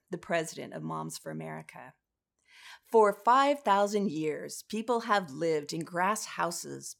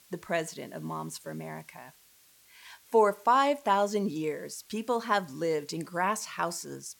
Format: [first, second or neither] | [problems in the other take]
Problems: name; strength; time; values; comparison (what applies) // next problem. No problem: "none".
first | hiss; faint; throughout; 25 dB below the speech